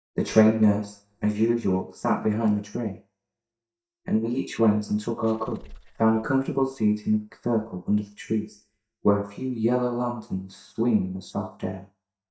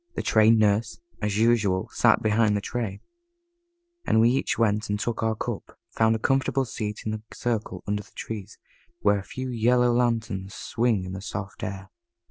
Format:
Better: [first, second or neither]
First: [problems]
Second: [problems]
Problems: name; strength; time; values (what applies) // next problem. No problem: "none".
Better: second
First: noise reduction (neural mask model DeepFilterNet 3)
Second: none